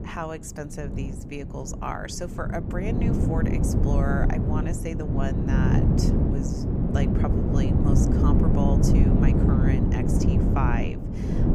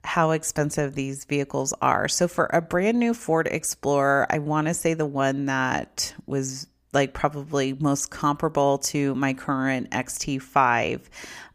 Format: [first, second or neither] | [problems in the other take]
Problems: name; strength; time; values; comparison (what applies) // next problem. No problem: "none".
second | wind noise on the microphone; heavy; 3 dB above the speech